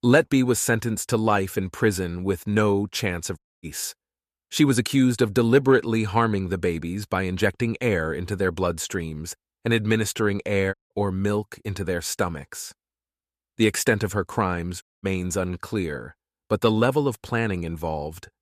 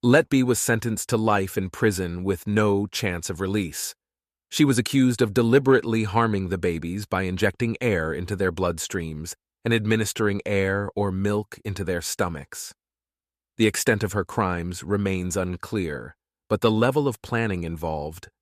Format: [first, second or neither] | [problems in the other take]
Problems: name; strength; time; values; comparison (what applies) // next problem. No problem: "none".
second | audio cutting out; at 3.5 s, at 11 s and at 15 s